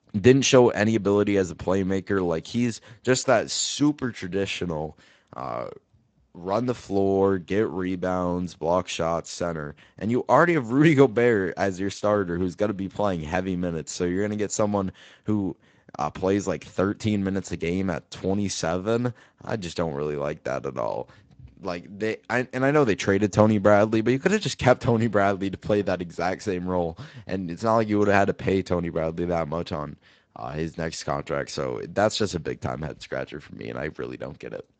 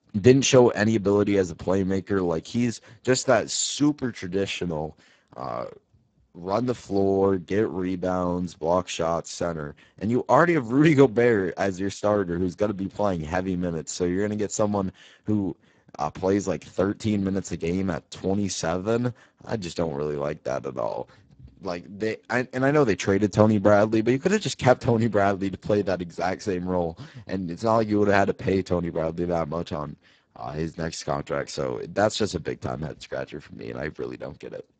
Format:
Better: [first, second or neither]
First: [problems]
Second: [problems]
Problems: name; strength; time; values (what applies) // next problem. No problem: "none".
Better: first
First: garbled, watery; slightly; nothing above 7.5 kHz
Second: garbled, watery; badly; nothing above 7.5 kHz